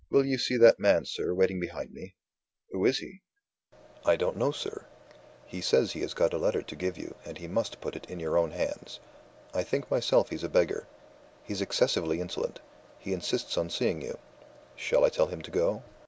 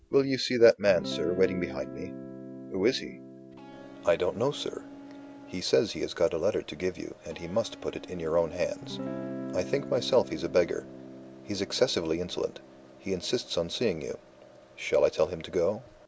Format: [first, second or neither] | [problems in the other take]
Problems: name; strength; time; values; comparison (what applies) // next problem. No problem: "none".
first | background sound (Electric guitar + Guitar); 13 dB below the speech